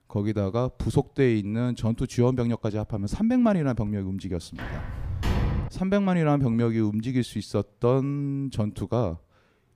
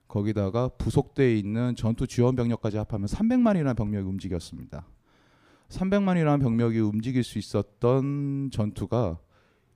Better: second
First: footsteps; noticeable; from 4.5 to 5.5 s; peak 1 dB below the speech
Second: none

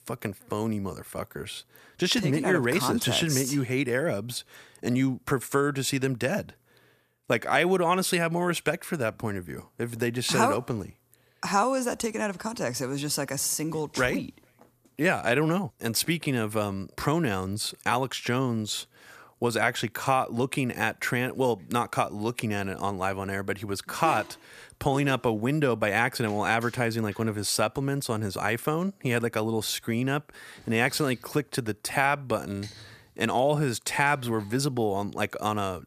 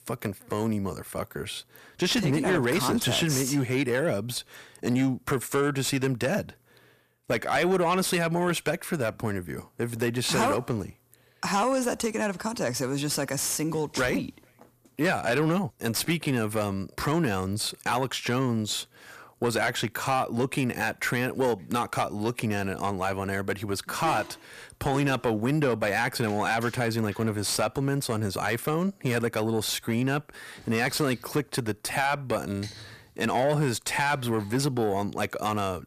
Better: first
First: none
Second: distortion; slight; 10 dB below the speech

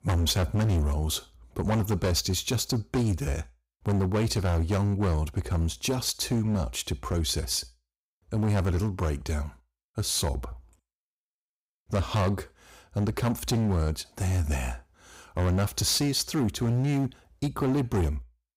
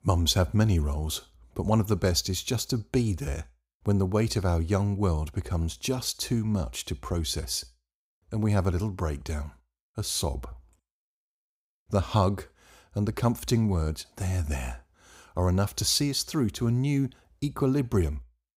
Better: second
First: distortion; slight; 14% of the sound clipped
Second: none

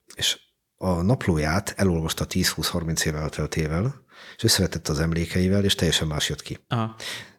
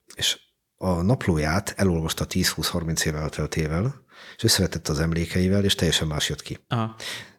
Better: neither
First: none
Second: none

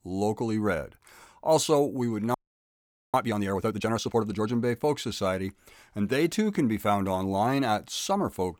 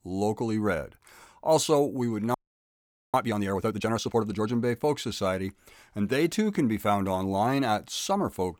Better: neither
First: audio freezing; at 2.5 s for 1 s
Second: audio freezing; at 2.5 s for 1 s

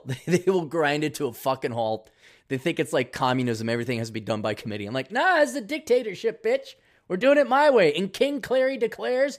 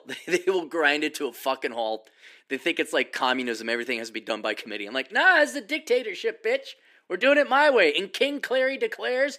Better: first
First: none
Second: thin; very slightly; fading below 300 Hz

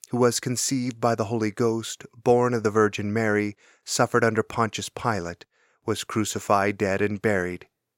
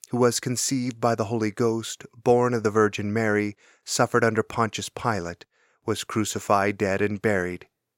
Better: neither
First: none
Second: none

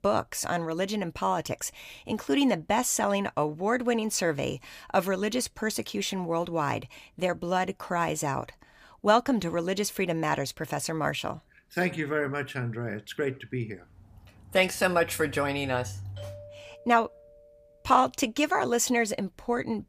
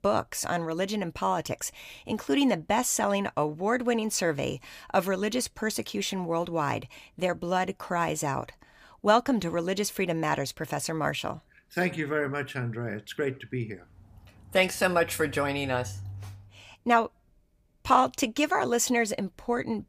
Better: second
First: doorbell; faint; from 16 to 18 s; peak 15 dB below the speech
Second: none

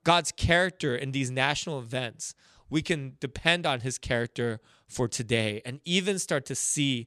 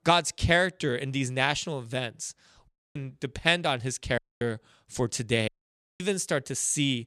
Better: first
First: none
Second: audio cutting out; at 2.5 s, at 4 s and at 5.5 s for 0.5 s

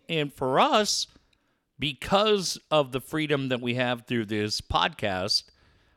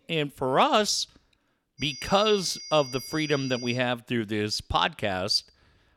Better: first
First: none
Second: high-pitched whine; noticeable; from 2 to 4 s; 5 kHz, 10 dB below the speech

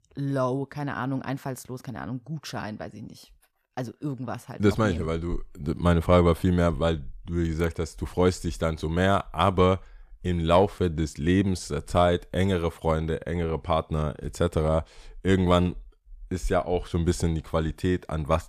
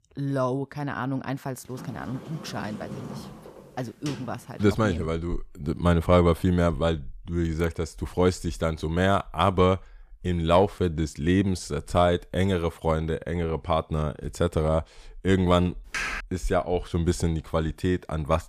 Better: first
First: none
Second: door banging; faint; from 1.5 to 4.5 s; peak 10 dB below the speech // keyboard typing; noticeable; at 16 s; peak 3 dB below the speech

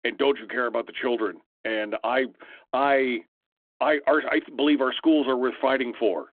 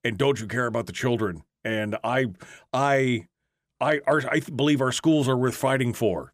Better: second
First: phone-call audio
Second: none

